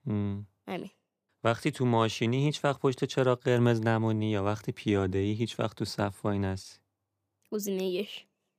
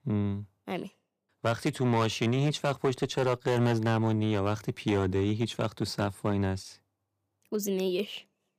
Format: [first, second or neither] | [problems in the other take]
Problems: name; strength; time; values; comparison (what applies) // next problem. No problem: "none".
first | distortion; slight; 4% of the sound clipped